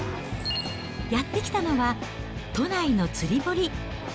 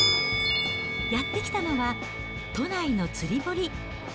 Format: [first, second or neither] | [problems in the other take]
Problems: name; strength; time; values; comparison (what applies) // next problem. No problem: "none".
first | background sound (Musical instrument); 1 dB below the speech